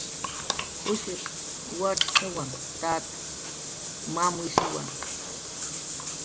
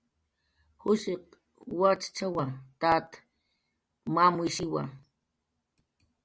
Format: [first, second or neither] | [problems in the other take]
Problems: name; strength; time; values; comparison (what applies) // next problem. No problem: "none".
second | background sound (Bathtub (filling or washing) / Water); 2 dB above the speech